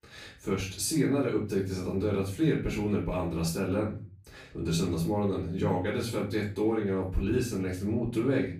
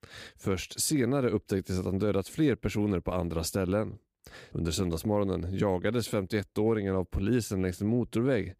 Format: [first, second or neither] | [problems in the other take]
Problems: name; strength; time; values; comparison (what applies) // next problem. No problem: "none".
second | off-mic speech; far // room echo; slight; dies away in 0.4 s